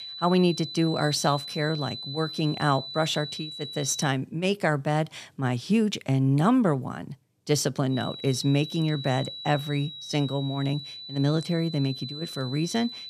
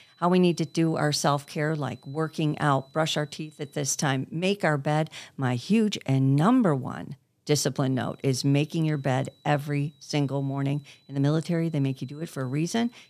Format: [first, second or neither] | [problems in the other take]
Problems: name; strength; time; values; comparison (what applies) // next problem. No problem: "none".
second | high-pitched whine; loud; until 4 s and from 8 s on; 4 kHz, 10 dB below the speech; faint in the second